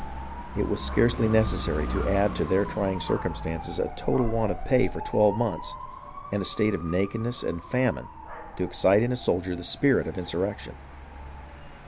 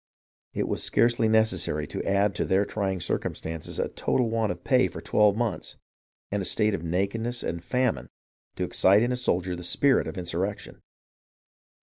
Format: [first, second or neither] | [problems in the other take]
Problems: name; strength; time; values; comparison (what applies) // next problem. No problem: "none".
second | background sound (Motorcycle / Dog); 8 dB below the speech